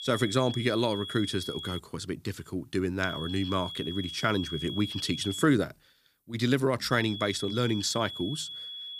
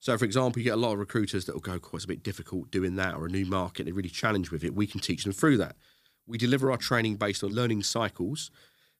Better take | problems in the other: second | high-pitched whine; loud; until 2 s, from 3 to 5.5 s and from 7 s on; 3.5 kHz, 8 dB below the speech

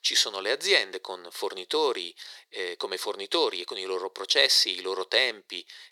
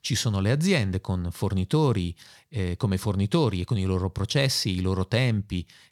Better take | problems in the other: second | thin; very; fading below 400 Hz

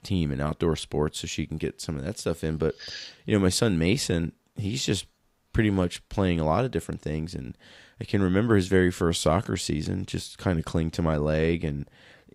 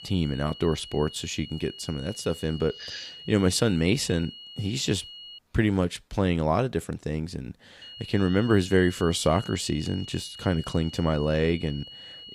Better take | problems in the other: first | high-pitched whine; noticeable; until 5.5 s and from 8 s on; 3 kHz, 15 dB below the speech

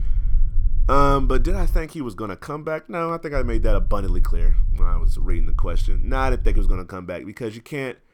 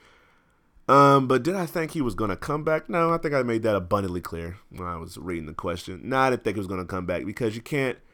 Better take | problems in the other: second | low rumble; faint; until 2 s and from 3.5 to 7 s; 25 dB below the speech

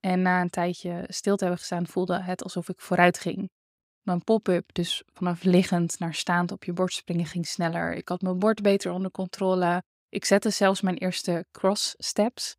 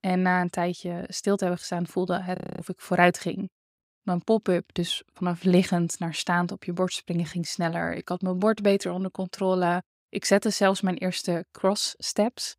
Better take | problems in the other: first | audio freezing; at 2.5 s

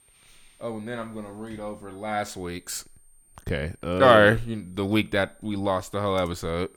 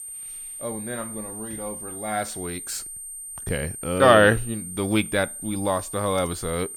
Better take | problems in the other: first | high-pitched whine; loud; throughout; 9 kHz, 10 dB below the speech; faint in the first

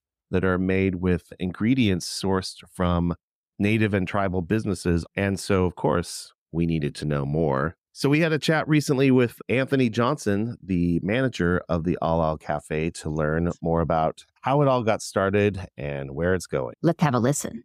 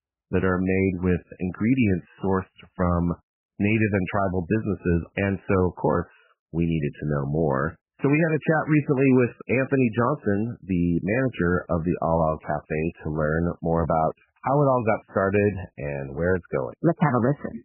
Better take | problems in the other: first | garbled, watery; badly; nothing above 2.5 kHz

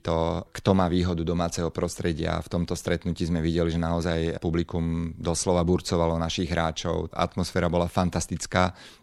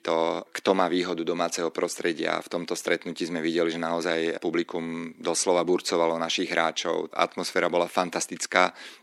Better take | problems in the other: first | thin; somewhat; fading below 300 Hz

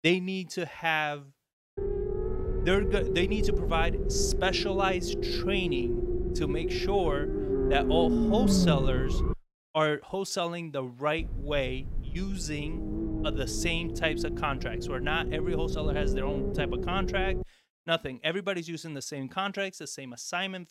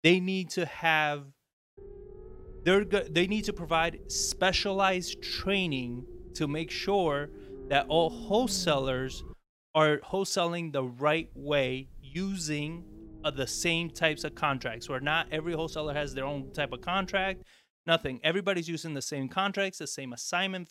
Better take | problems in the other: second | low rumble; loud; from 2 to 9.5 s and from 11 to 17 s; 4 dB below the speech; faint in the second

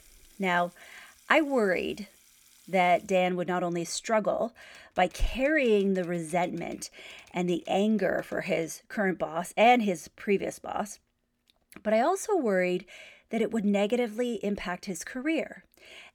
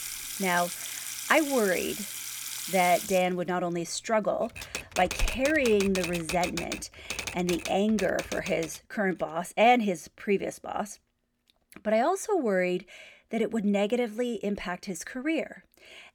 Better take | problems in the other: first | household noises; loud; until 8.5 s; 7 dB below the speech; faint in the first

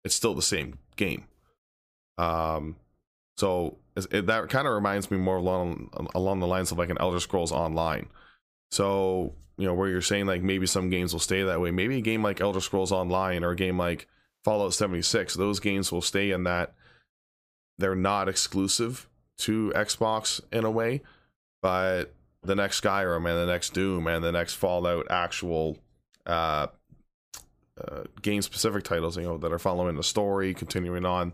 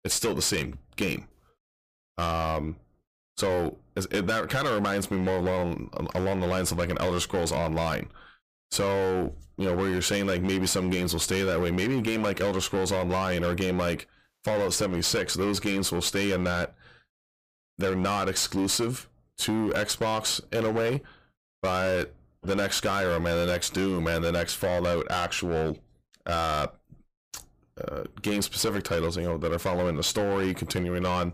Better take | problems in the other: first | distortion; heavy; 18% of the sound clipped

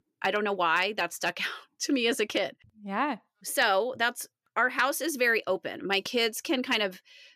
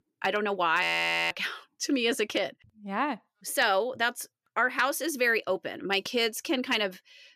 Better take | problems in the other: first | audio freezing; at 1 s

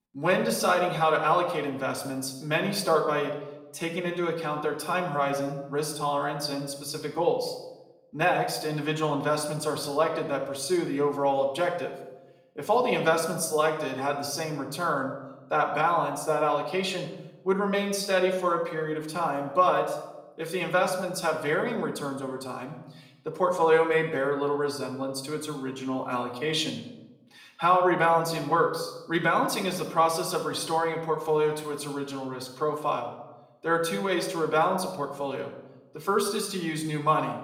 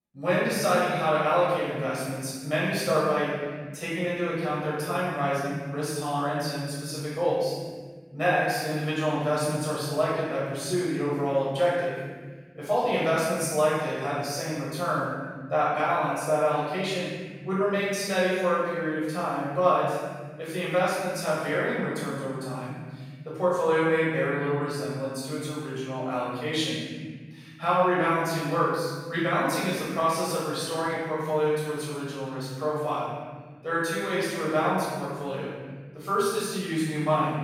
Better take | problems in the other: first | room echo; strong; dies away in 2 s; slight in the first // off-mic speech; far; far in the first

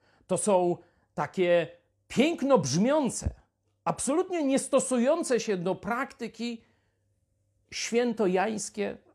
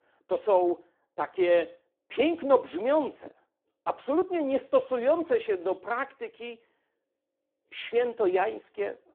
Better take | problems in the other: first | phone-call audio; poor line

